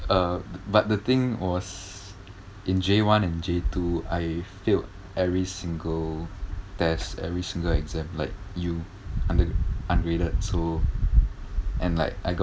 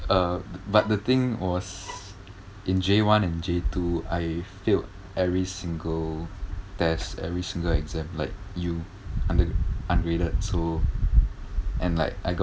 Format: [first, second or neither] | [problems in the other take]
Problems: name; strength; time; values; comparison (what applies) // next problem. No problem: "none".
first | background sound (Bowed string instrument); 19 dB below the speech